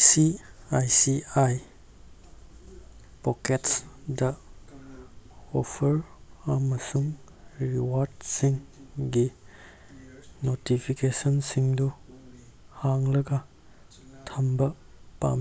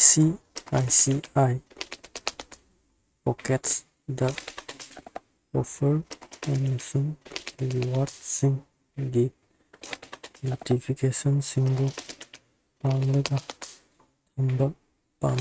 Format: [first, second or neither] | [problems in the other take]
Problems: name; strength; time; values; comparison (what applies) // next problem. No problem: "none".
first | noise reduction (neural mask model RNNoise)